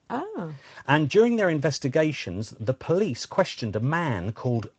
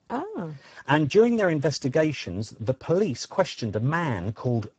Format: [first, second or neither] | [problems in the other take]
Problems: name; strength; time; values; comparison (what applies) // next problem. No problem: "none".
first | garbled, watery; badly; nothing above 7.5 kHz; slightly in the first